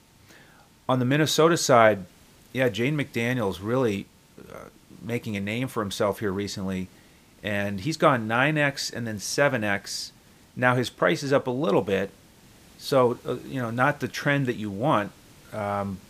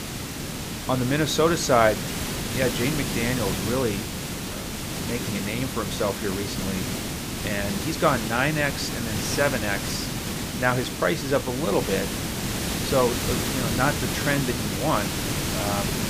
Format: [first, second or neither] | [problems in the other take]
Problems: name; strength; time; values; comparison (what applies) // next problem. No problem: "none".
first | hiss; loud; throughout; 2 dB below the speech; faint in the first